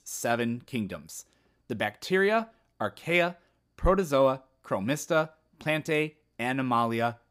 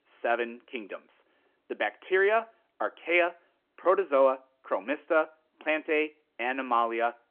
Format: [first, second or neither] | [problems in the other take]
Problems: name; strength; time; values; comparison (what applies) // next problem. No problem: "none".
first | phone-call audio